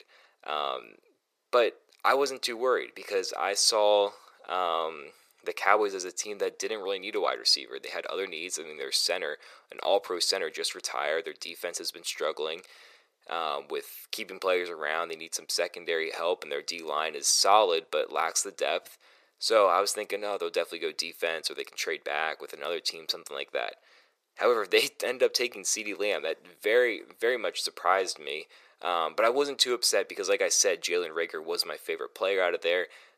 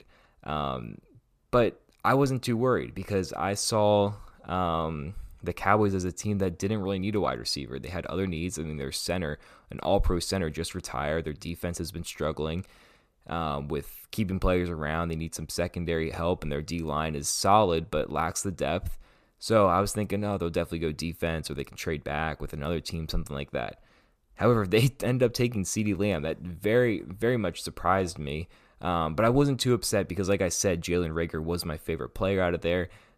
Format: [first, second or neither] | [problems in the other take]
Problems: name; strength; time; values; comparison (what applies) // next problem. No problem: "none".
second | thin; very; fading below 400 Hz